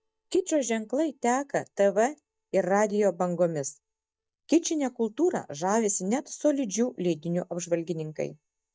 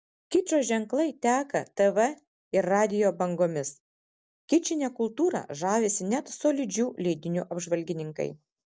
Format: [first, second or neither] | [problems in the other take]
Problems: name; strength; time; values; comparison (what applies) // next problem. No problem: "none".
second | noise reduction (neural mask model DeepFilterNet 3)